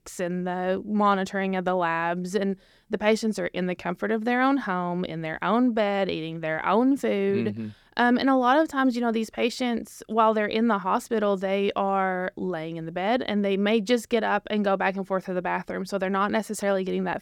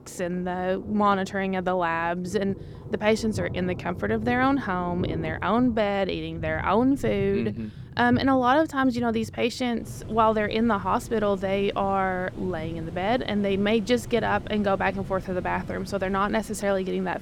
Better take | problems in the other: first | rain or running water; noticeable; throughout; 15 dB below the speech

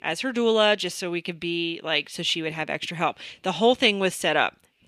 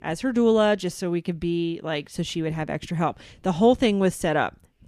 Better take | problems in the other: second | thin; very slightly; fading below 500 Hz

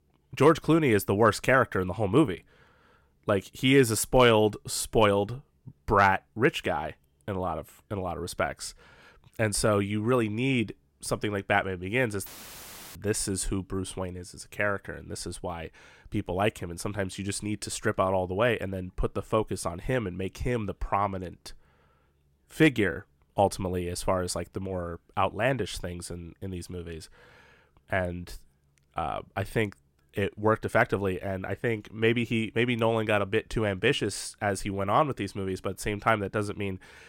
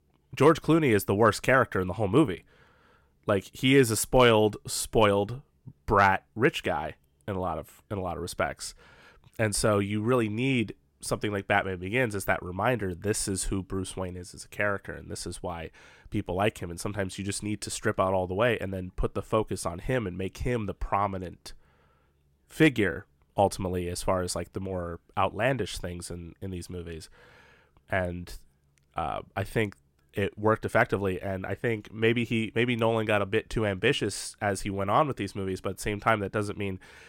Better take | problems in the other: second | audio cutting out; filled with static; at 12 s for 0.5 s

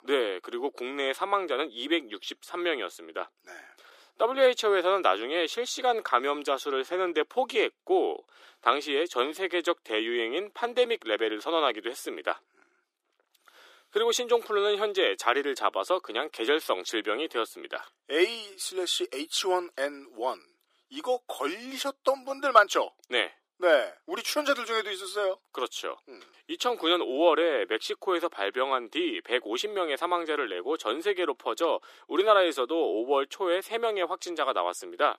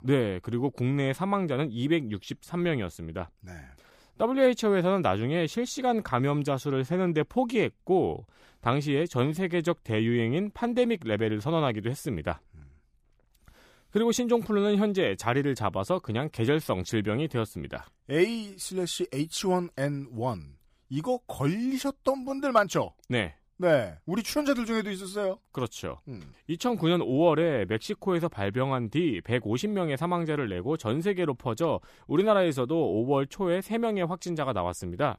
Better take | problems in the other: second | thin; very; fading below 350 Hz

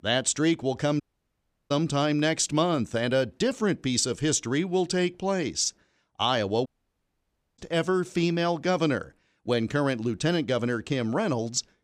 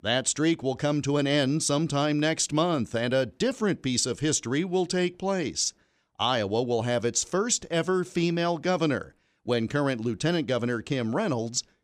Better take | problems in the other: second | audio cutting out; at 1 s for 0.5 s and at 6.5 s for 1 s

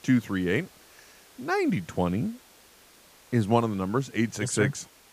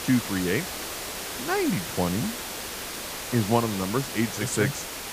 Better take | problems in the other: first | hiss; loud; throughout; 5 dB below the speech; faint in the first

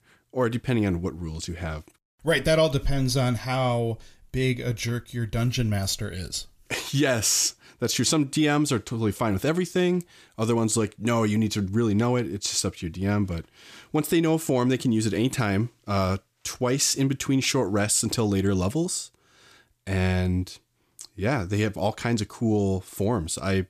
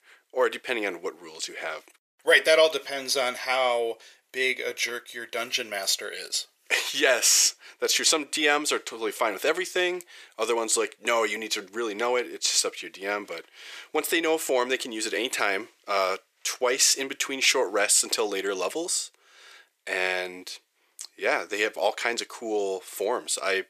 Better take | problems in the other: first | thin; very; fading below 450 Hz

